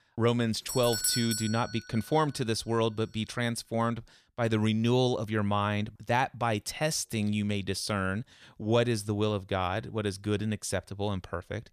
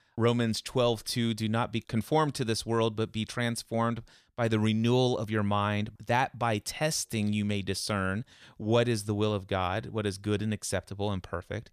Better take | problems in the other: second | doorbell; loud; at 0.5 s; peak 2 dB above the speech

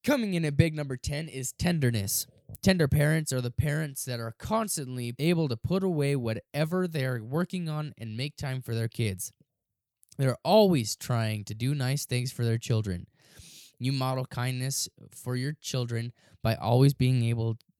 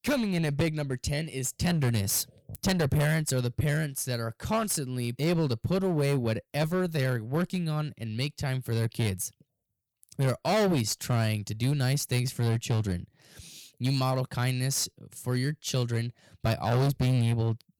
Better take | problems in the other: first | distortion; heavy; 12% of the sound clipped

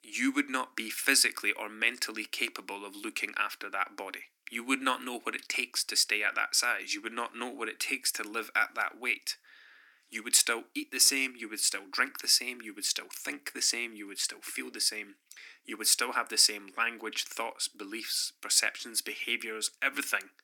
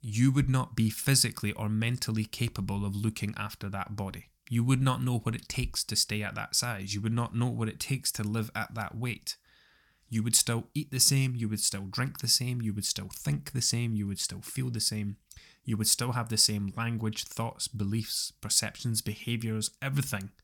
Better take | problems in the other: second | thin; very; fading below 300 Hz

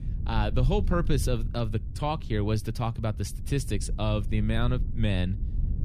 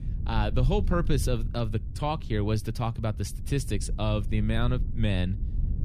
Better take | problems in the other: neither | low rumble; noticeable; throughout; 15 dB below the speech; the same in both

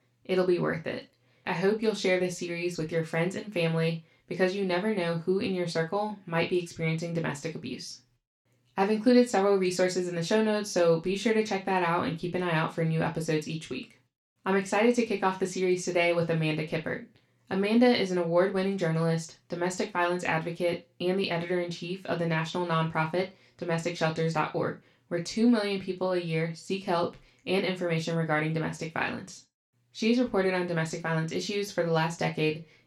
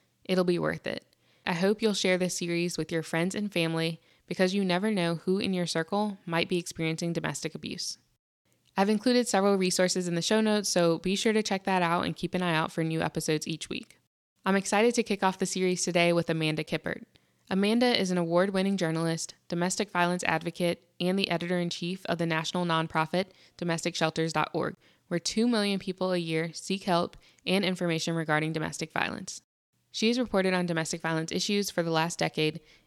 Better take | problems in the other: second | room echo; very slight; dies away in 0.2 s // off-mic speech; somewhat distant

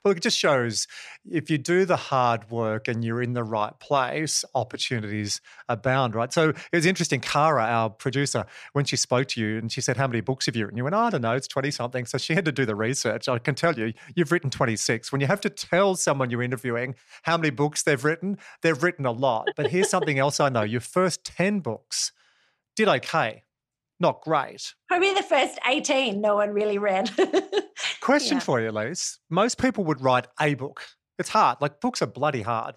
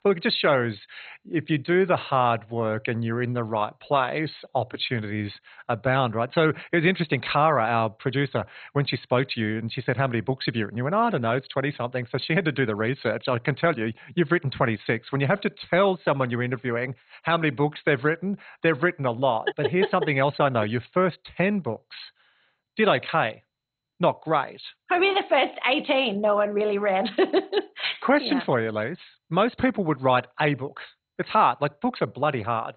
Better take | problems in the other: first | garbled, watery; badly; nothing above 4 kHz

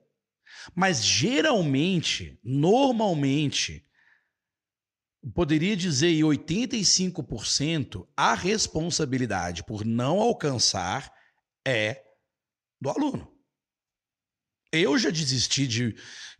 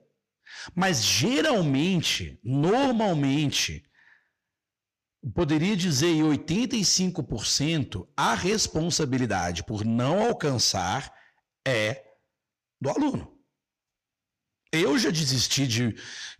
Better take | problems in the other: first | distortion; slight; 10 dB below the speech

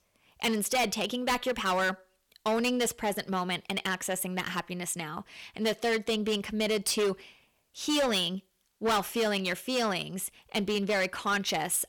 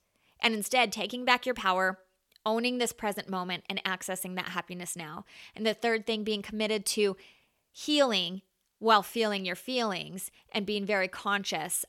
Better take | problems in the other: second | distortion; heavy; 10% of the sound clipped

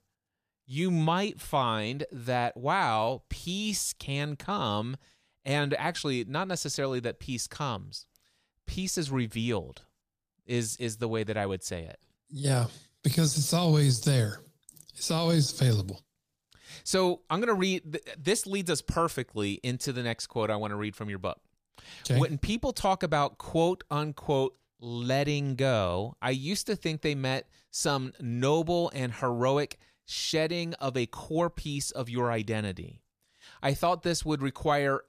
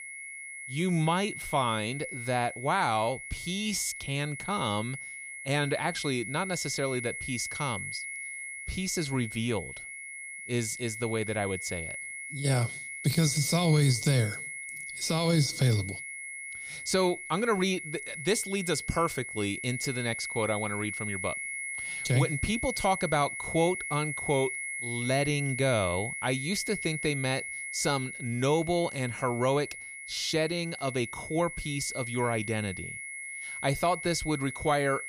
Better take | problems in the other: first | high-pitched whine; loud; throughout; 2 kHz, 7 dB below the speech

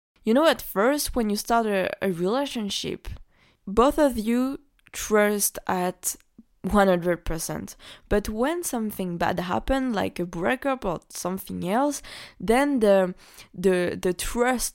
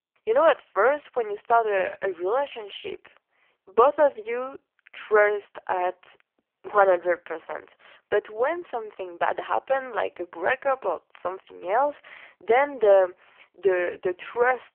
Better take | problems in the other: first | phone-call audio; poor line

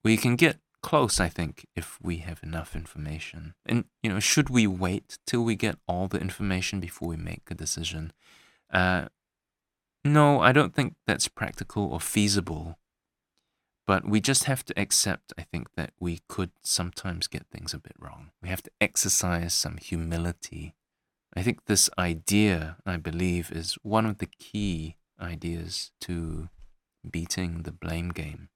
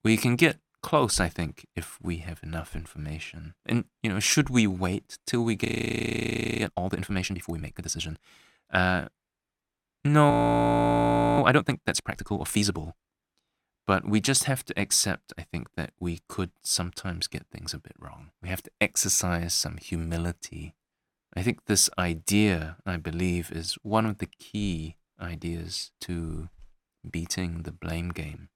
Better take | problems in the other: first | audio freezing; at 5.5 s for 1 s and at 10 s for 1 s

